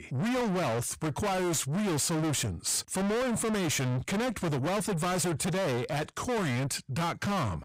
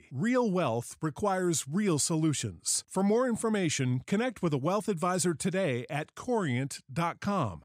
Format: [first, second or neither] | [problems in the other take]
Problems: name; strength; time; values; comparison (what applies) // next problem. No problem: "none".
second | distortion; heavy; 6 dB below the speech